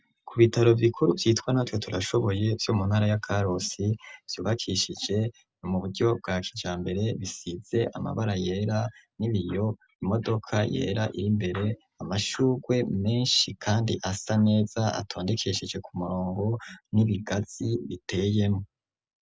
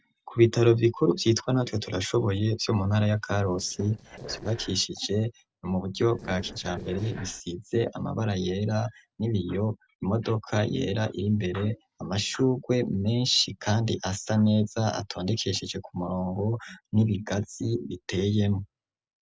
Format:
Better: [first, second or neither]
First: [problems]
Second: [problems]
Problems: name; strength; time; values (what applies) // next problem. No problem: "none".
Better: first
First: none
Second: noise reduction (neural separator model SepFormer DNS4)